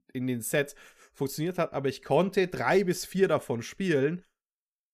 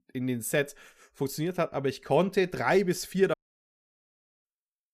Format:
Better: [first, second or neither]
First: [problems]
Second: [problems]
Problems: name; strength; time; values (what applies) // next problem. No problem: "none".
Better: first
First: none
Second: audio cutting out; at 3.5 s for 1 s